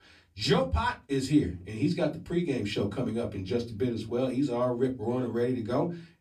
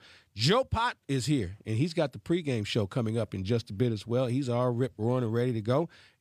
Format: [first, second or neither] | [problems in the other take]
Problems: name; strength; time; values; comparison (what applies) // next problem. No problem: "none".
second | off-mic speech; far // room echo; very slight; dies away in 0.2 s